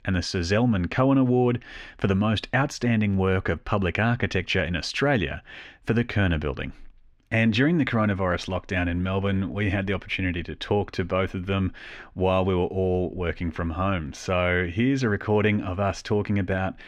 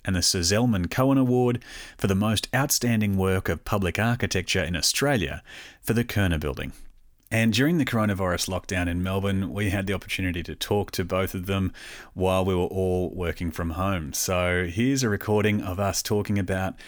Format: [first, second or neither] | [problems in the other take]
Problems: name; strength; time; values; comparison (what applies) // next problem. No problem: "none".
second | muffled; slightly; fading above 2.5 kHz